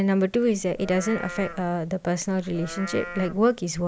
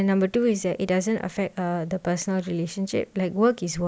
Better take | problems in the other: second | background sound (Livestock, farm animals, working animals); 14 dB below the speech

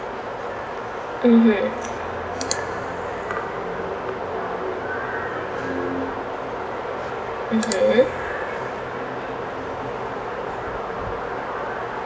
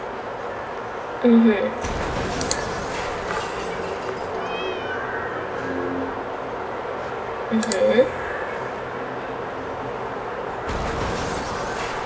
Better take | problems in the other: first | background sound (Cat); 11 dB below the speech

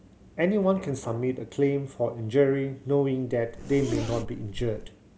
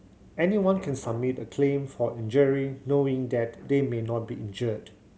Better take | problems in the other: second | background sound (Zipper (clothing)); 9 dB below the speech

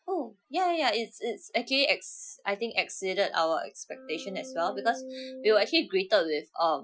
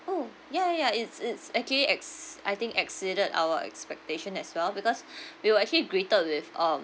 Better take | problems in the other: second | noise reduction (classical method Wiener filter)

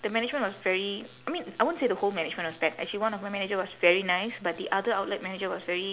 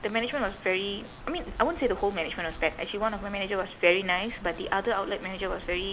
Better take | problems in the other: first | background sound (Gull, seagull / Ocean); 14 dB below the speech

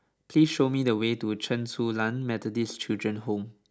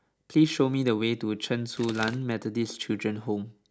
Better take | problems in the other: first | background sound (Bird); 14 dB below the speech

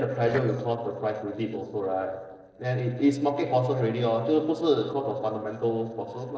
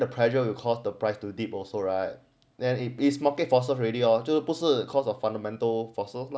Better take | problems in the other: second | noise reduction (neural separator model SepFormer DNS4)

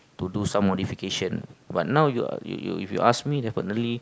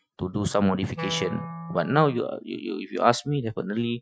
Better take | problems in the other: first | noise reduction (classical method Wiener filter)

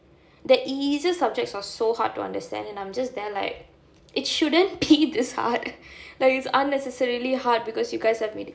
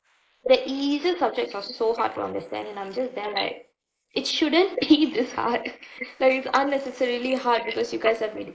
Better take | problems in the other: first | noise reduction (neural mask model Resemble Enhance denoiser)

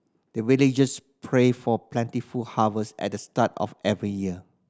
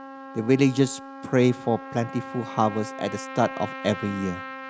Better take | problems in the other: first | background sound (Trumpet); 12 dB below the speech

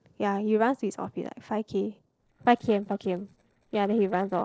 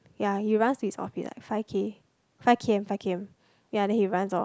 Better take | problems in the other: second | noise reduction (neural separator model SepFormer DNS4)

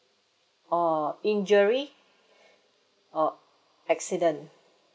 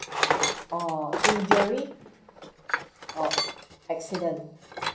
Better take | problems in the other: first | background sound (Tools); 2 dB above the speech // room echo; dies away in 0.6 s

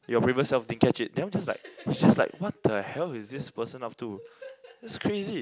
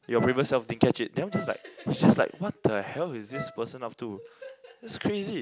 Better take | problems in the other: first | background sound (Wind instrument, woodwind instrument); 16 dB below the speech

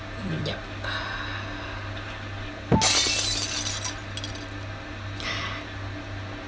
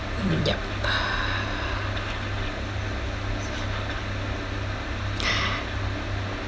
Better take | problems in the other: second | background sound (Shatter); 4 dB above the speech // room echo; dies away in 0.2 s

